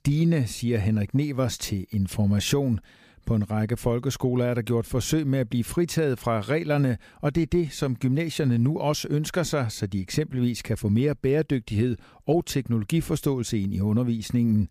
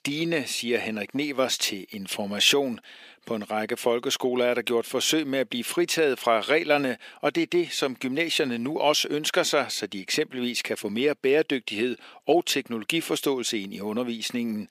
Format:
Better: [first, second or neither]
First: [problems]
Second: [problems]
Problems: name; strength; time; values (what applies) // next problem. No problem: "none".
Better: first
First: none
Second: thin; somewhat; fading below 300 Hz